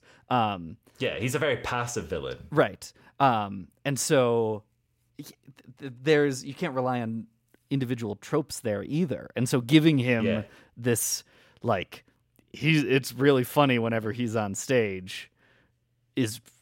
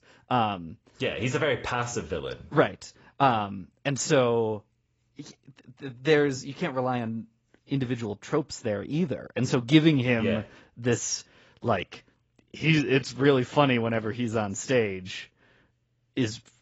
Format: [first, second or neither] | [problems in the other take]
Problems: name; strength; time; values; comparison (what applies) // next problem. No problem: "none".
first | garbled, watery; badly; nothing above 7.5 kHz